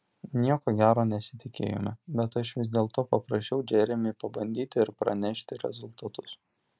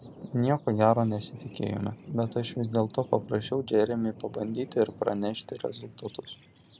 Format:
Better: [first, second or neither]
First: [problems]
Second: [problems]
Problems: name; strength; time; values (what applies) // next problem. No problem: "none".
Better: first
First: none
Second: background sound (Thunder); 18 dB below the speech